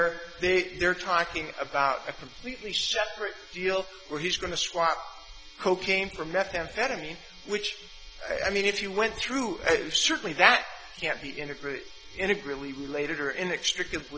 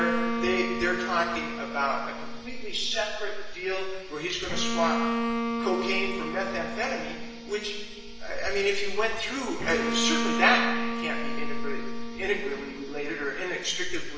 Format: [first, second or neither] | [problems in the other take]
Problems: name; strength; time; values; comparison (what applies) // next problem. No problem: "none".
first | background sound (Bowed string instrument); 5 dB below the speech // room echo; dies away in 1.3 s